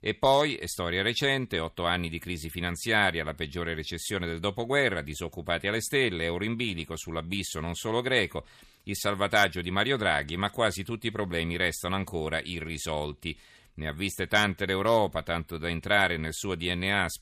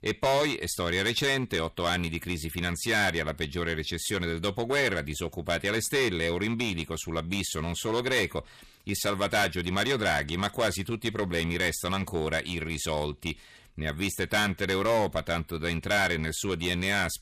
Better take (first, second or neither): first